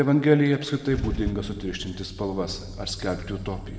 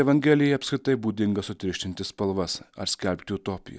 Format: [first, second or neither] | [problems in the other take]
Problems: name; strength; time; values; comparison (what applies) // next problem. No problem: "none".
second | background sound (Idling / Engine starting / Car); 10 dB below the speech // room echo; dies away in 1.7 s